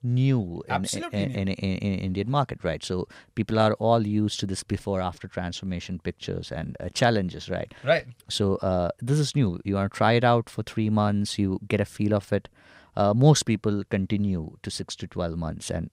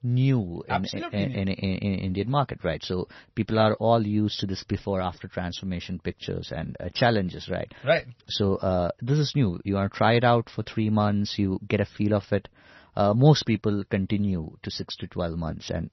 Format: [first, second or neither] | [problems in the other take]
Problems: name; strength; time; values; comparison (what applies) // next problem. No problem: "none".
first | garbled, watery; slightly; nothing above 6 kHz